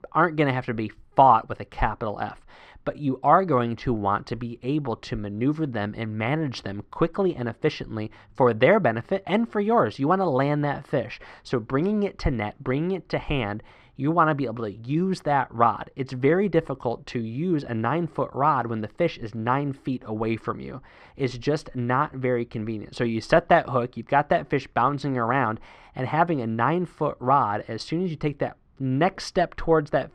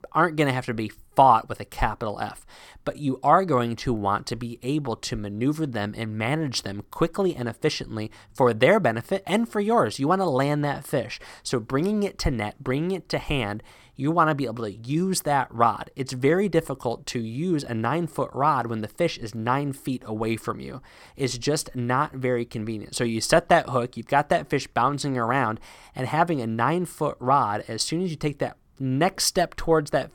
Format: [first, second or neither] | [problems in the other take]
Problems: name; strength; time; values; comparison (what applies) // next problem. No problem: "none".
second | muffled; slightly; fading above 3 kHz